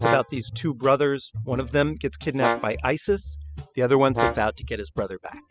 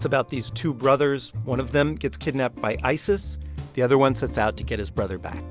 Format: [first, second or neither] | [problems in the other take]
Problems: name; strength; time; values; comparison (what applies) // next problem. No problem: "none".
second | noise reduction (classical method spectral subtraction)